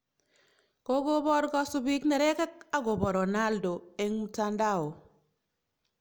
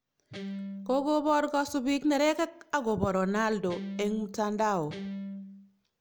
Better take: first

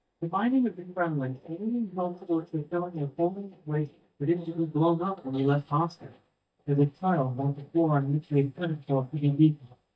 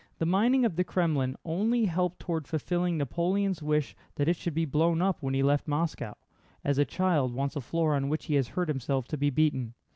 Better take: second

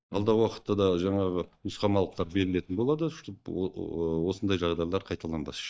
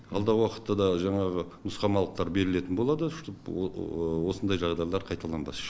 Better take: second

